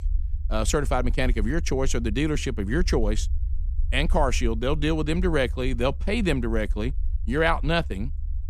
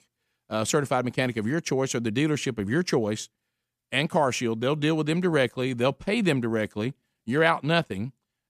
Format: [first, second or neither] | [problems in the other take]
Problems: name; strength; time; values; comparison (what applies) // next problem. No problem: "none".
second | low rumble; faint; throughout; 25 dB below the speech